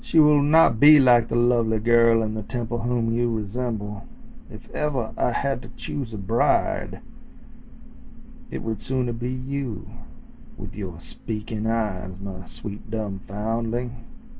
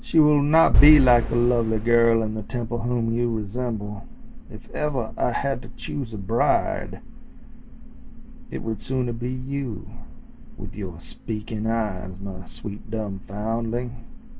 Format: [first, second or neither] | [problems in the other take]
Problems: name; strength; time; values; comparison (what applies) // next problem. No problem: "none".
first | background sound (Boom); 2 dB above the speech